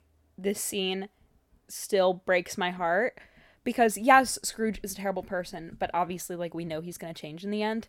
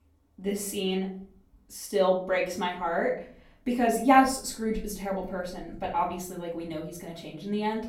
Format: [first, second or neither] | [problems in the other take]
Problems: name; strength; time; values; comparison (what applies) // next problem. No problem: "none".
first | off-mic speech; far // room echo; slight; dies away in 0.6 s